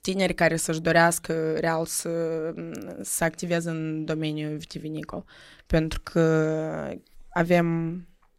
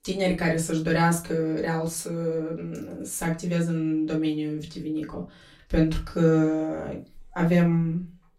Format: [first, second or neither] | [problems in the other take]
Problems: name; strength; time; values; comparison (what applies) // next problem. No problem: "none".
first | off-mic speech; far // room echo; very slight; dies away in 0.2 s